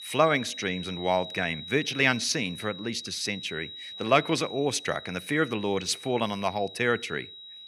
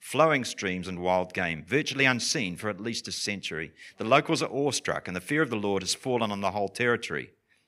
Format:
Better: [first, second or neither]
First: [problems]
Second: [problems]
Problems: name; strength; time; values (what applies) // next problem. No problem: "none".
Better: second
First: high-pitched whine; noticeable; throughout; 4 kHz, 10 dB below the speech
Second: none